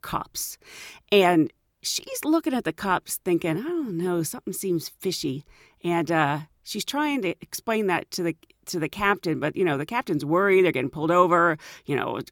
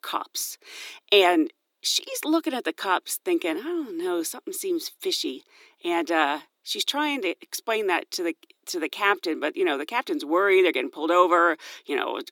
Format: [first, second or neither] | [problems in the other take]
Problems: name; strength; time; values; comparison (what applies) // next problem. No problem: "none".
first | thin; somewhat; fading below 300 Hz